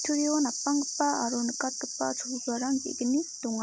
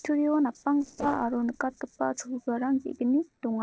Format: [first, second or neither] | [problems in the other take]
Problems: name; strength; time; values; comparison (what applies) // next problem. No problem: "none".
first | noise reduction (neural separator model SepFormer DNS4)